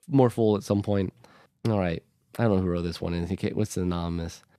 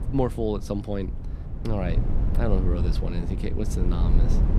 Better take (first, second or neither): first